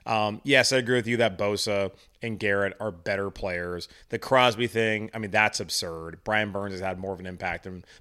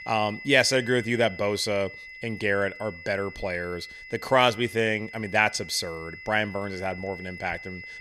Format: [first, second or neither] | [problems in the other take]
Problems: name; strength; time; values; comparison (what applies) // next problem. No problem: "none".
first | high-pitched whine; noticeable; throughout; 2 kHz, 15 dB below the speech